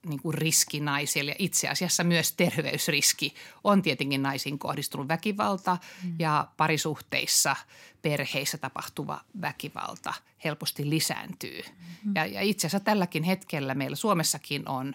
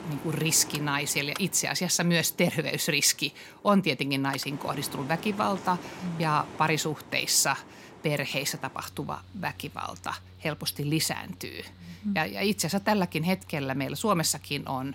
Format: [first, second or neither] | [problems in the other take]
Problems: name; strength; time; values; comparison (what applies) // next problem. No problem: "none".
first | machinery noise; noticeable; throughout; 20 dB below the speech